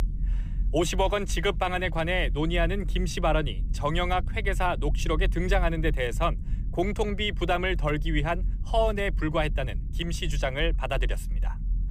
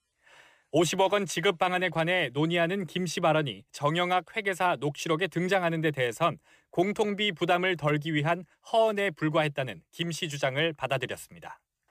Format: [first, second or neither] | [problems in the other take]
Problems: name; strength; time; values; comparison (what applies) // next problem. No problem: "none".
second | low rumble; faint; throughout; 20 dB below the speech